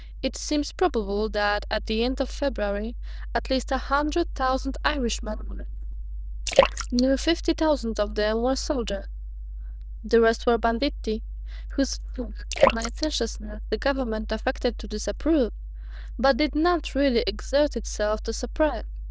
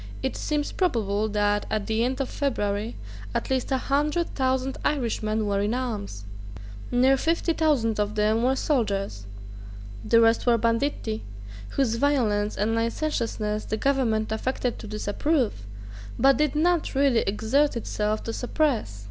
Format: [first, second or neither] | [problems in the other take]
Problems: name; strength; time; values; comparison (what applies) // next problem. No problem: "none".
second | noise reduction (neural diffusion model UNIVERSE++)